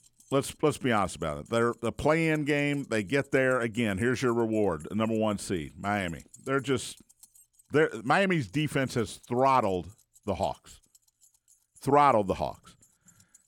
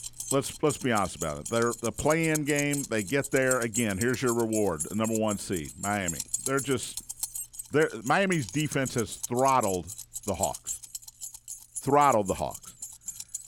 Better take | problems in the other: first | household noises; loud; throughout; 8 dB below the speech; faint in the first

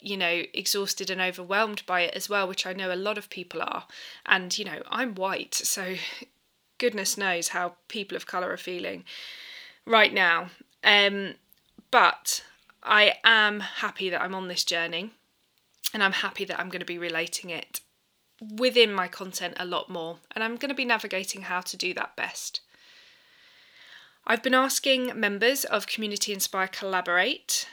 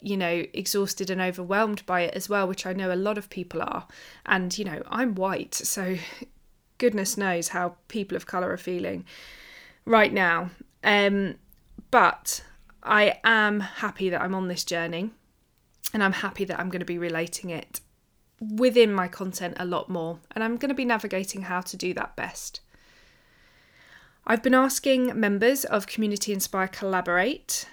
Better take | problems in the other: second | thin; very slightly; fading below 450 Hz

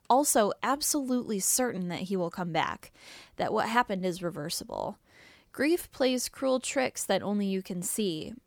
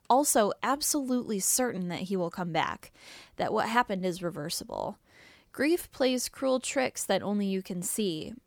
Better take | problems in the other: neither | none

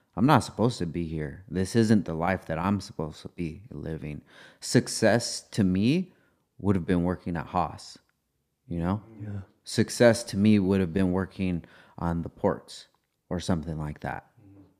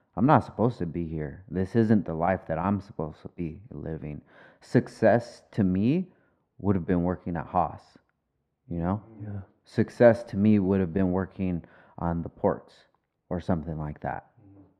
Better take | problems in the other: first | muffled; very; fading above 3.5 kHz

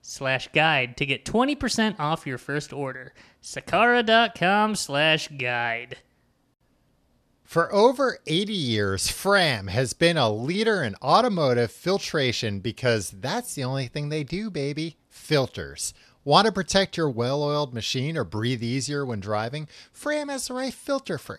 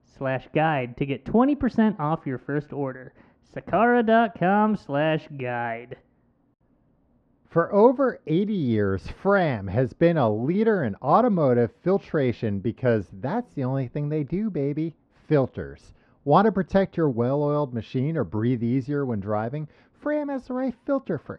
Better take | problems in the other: first | muffled; very; fading above 1 kHz

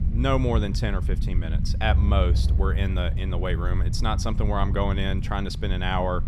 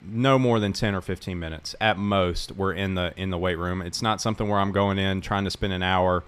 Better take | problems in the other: second | low rumble; noticeable; throughout; 10 dB below the speech

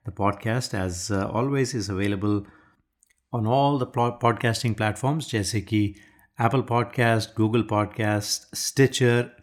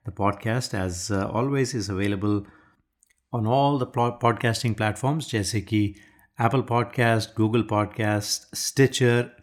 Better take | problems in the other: neither | none

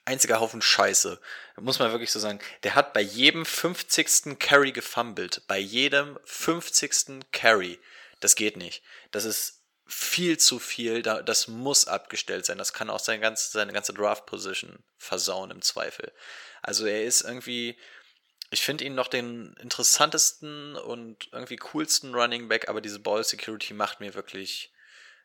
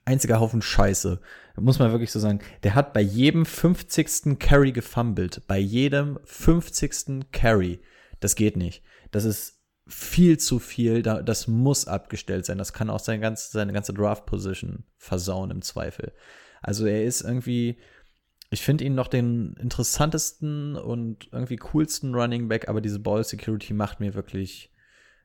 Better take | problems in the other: second | thin; very; fading below 500 Hz

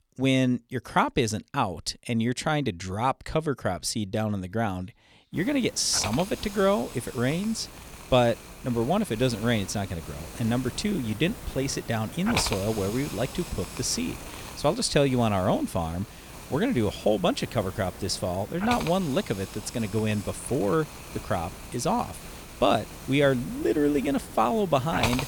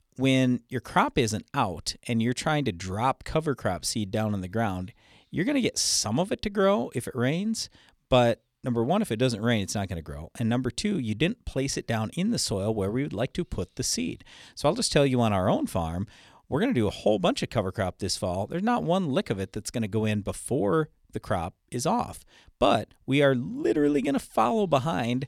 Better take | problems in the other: second | hiss; noticeable; from 5.5 s on; 10 dB below the speech

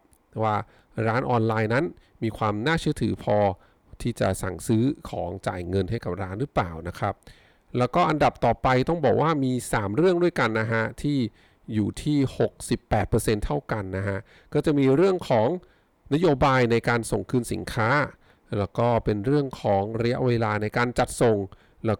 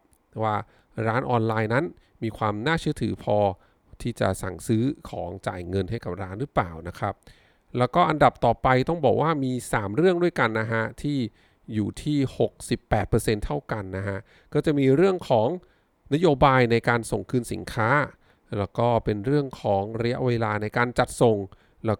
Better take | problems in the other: second | distortion; slight; 10 dB below the speech

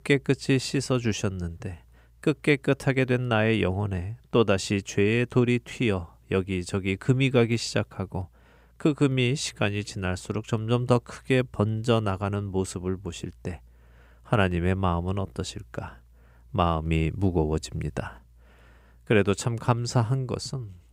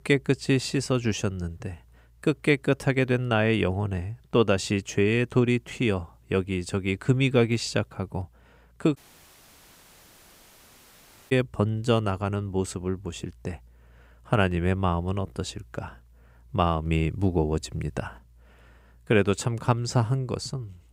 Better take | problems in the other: first | audio cutting out; at 9 s for 2.5 s

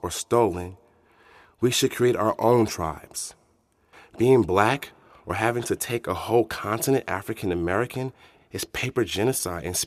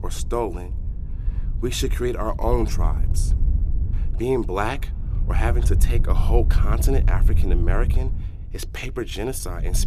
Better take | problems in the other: first | wind noise on the microphone; occasional gusts; 15 dB below the speech

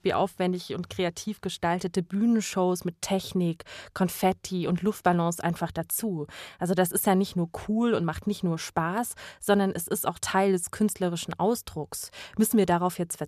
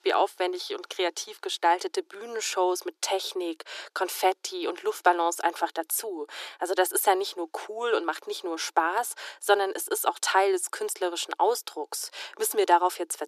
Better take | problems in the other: first | thin; very; fading below 300 Hz

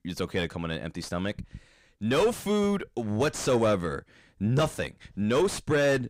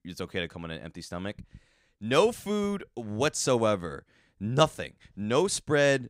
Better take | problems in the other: second | distortion; heavy; 5 dB below the speech

